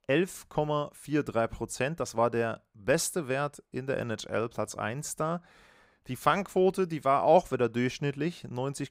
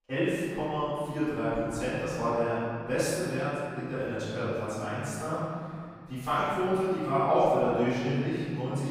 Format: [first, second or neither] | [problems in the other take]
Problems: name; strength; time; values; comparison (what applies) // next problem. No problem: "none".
first | off-mic speech; far // room echo; strong; dies away in 2.2 s